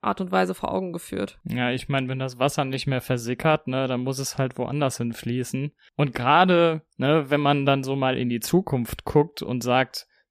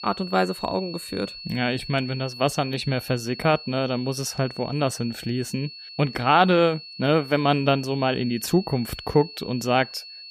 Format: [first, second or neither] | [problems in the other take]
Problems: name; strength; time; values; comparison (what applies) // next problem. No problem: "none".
first | high-pitched whine; noticeable; throughout; 4.5 kHz, 15 dB below the speech